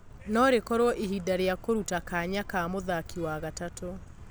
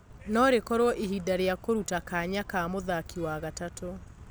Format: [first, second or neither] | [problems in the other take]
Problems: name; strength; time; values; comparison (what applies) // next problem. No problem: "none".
second | background sound (Sliding door); 19 dB below the speech